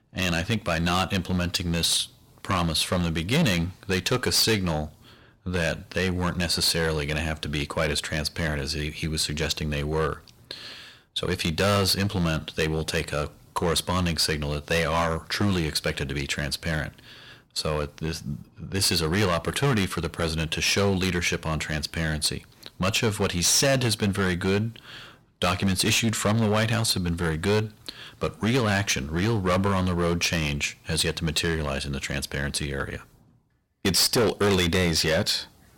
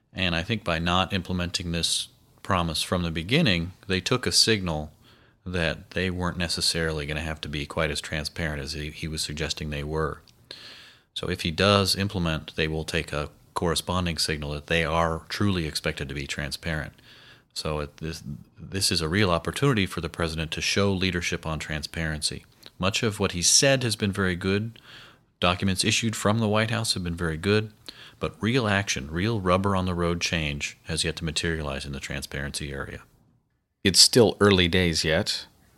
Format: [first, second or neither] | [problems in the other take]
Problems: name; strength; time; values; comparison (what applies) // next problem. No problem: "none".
second | distortion; heavy; 8% of the sound clipped